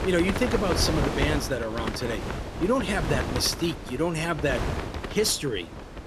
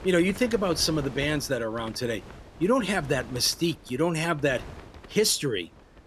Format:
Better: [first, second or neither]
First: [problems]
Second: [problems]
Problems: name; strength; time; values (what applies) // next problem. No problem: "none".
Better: second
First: wind noise on the microphone; heavy; 5 dB below the speech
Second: wind noise on the microphone; occasional gusts; 20 dB below the speech